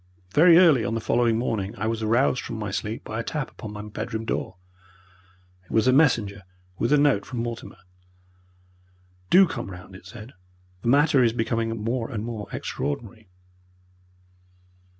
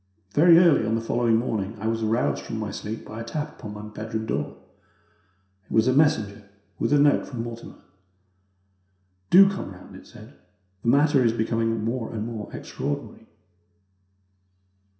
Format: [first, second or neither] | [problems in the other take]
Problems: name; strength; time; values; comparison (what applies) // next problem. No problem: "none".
first | room echo; dies away in 0.7 s